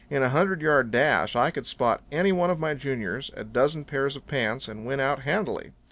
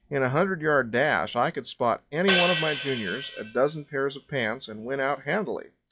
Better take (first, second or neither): first